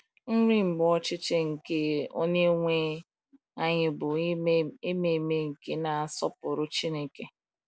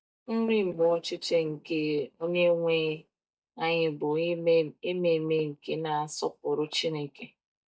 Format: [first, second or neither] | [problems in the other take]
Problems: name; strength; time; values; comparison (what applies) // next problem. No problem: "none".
first | noise reduction (neural mask model DeepFilterNet 3)